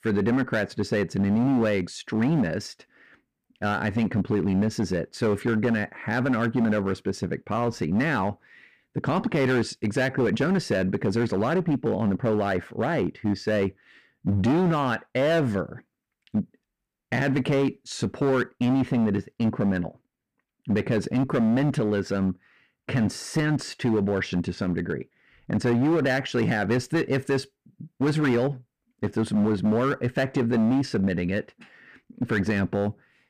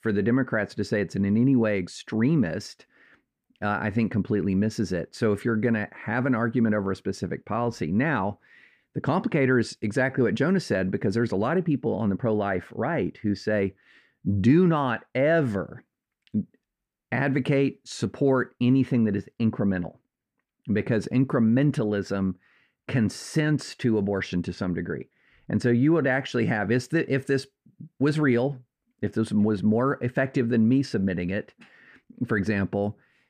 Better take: second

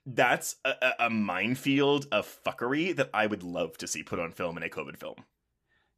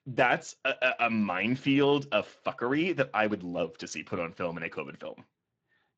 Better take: first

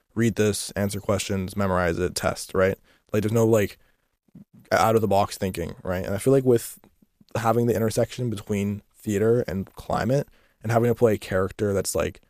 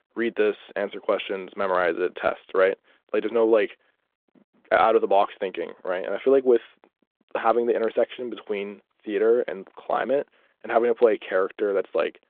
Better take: first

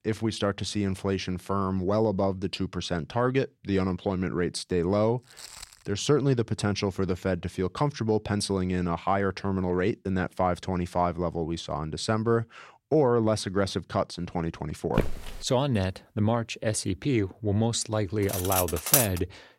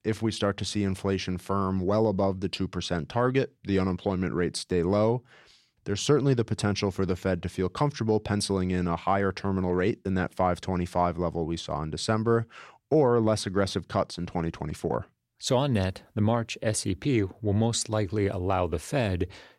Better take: second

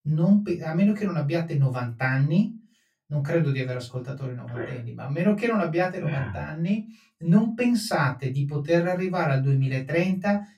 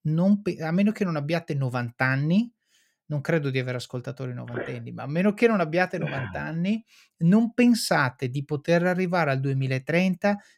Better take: second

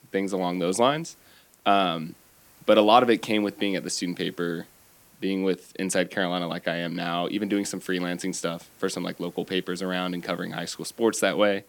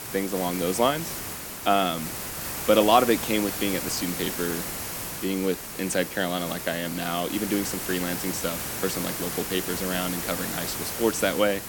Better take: first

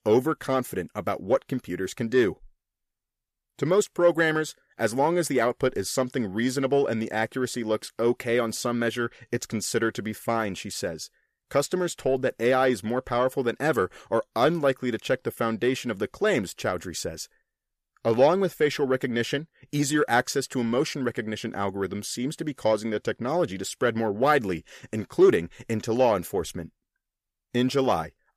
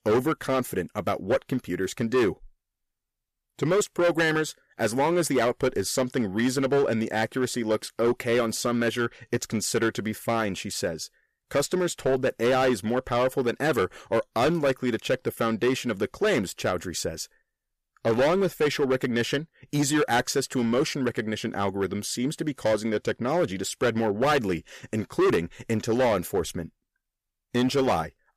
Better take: first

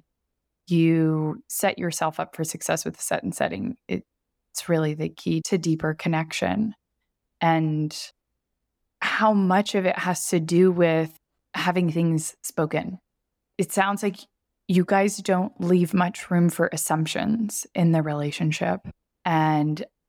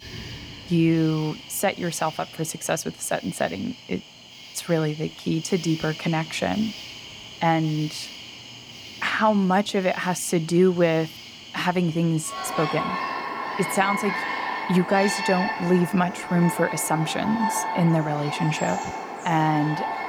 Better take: first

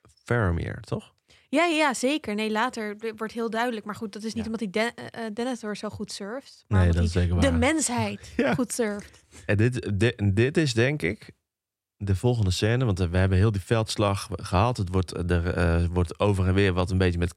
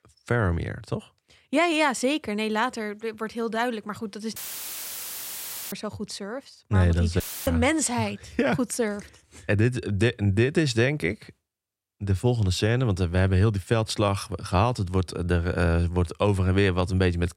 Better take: first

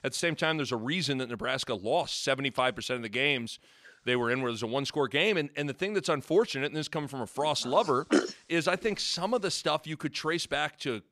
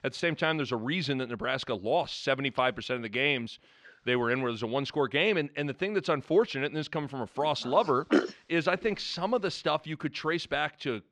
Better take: first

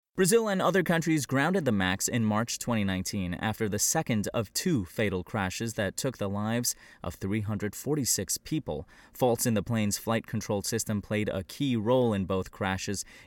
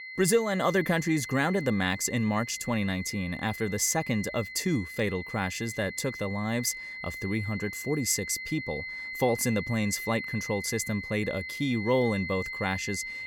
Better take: first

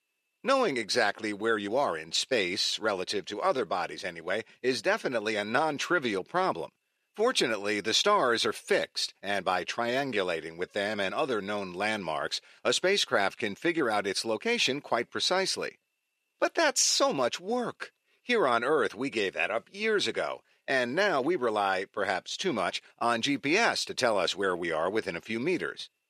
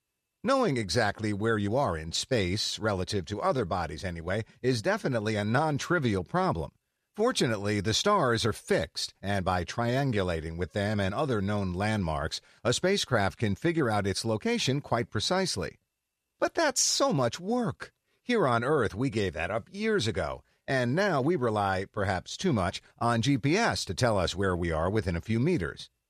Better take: second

